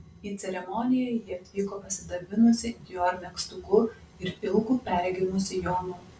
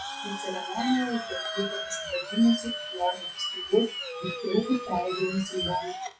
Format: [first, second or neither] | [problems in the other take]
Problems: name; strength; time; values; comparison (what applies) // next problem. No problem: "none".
first | noise reduction (classical method log-MMSE)